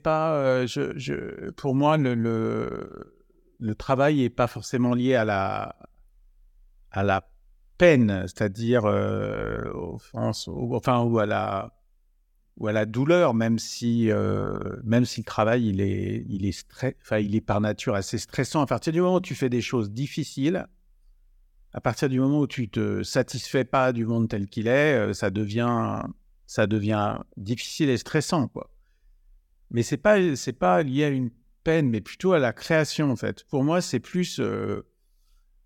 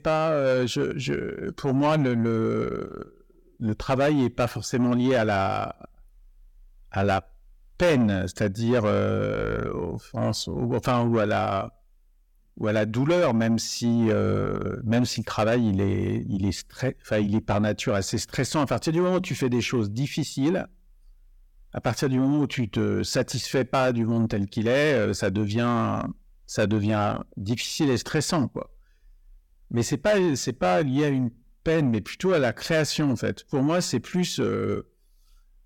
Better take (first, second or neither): first